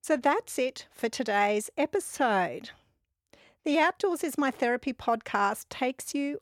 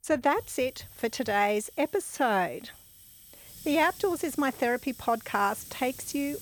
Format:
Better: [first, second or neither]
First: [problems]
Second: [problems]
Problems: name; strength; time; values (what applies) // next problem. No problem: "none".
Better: first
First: none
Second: hiss; noticeable; throughout; 15 dB below the speech